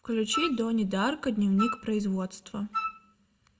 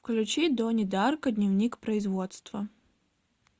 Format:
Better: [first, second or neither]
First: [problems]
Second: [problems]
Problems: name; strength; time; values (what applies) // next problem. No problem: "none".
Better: second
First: background sound (Wind instrument, woodwind instrument); 7 dB below the speech // room echo; dies away in 0.8 s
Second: none